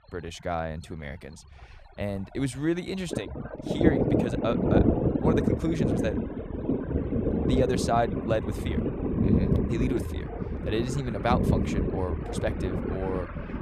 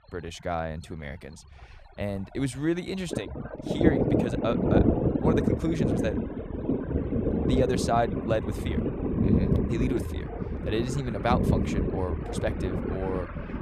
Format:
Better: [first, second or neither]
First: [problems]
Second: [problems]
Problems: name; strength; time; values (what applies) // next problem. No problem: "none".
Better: neither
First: rain or running water; very loud; throughout; 4 dB above the speech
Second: rain or running water; very loud; throughout; 4 dB above the speech